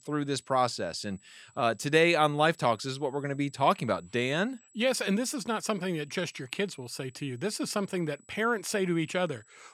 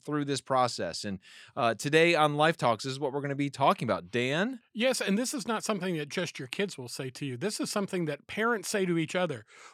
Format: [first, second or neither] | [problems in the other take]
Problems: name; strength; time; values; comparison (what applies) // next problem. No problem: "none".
second | high-pitched whine; faint; throughout; 8 kHz, 30 dB below the speech